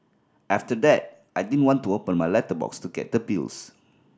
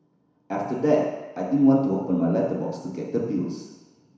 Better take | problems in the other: first | room echo; dies away in 1 s

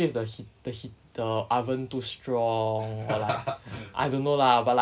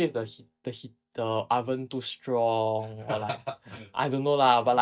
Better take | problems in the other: first | noise reduction (neural mask model DeepFilterNet 3)

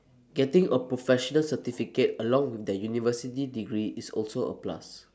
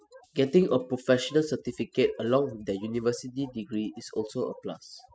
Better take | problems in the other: first | noise reduction (classical method spectral subtraction)

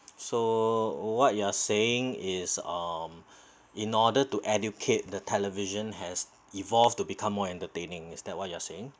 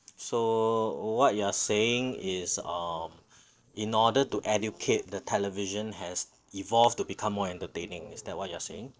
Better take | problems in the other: first | noise reduction (neural separator model SepFormer DNS4)

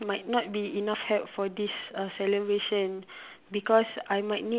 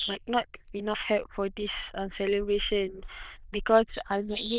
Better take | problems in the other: first | noise reduction (neural diffusion model UNIVERSE++)

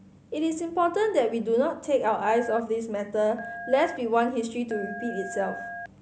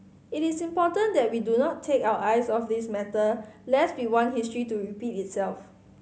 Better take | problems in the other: second | background sound (Telephone); 13 dB below the speech

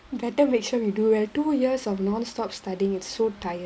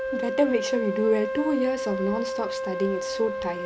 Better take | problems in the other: first | background sound (Wind instrument, woodwind instrument); 3 dB below the speech

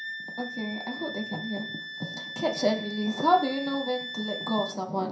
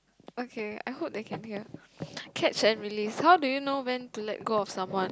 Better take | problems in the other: second | background sound (Wind instrument, woodwind instrument); 9 dB below the speech // room echo; dies away in 0.5 s

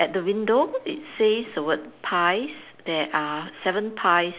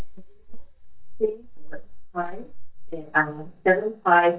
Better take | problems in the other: first | noise reduction (neural mask model DeepFilterNet 3)

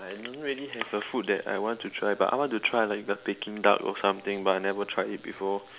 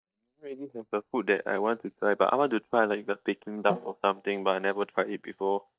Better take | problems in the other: first | noise reduction (neural mask model DeepFilterNet 3)

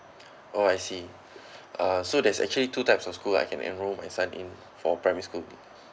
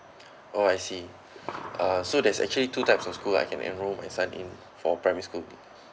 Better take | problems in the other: first | background sound (Gunshot, gunfire); 13 dB below the speech

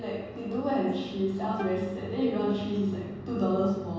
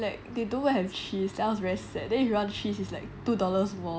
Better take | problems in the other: second | background sound (Plucked string instrument); 16 dB below the speech // room echo; dies away in 1.3 s

